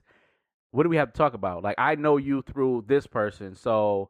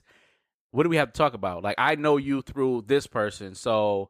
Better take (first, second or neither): second